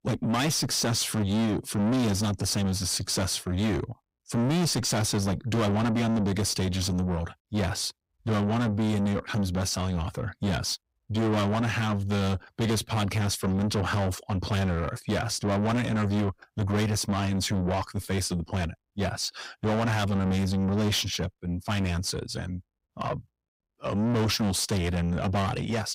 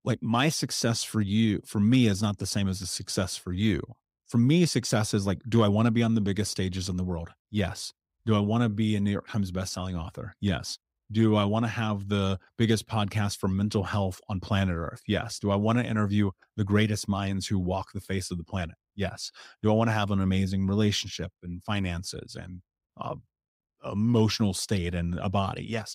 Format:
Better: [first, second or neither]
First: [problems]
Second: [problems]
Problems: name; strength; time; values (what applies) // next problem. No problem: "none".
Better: second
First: distortion; heavy; 6 dB below the speech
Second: none